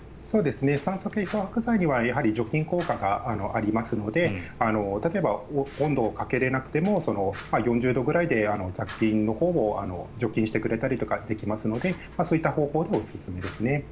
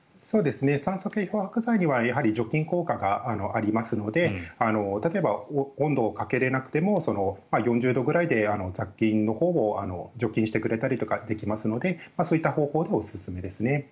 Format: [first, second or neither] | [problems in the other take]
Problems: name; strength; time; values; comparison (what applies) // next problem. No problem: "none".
second | background sound (Fire); 17 dB below the speech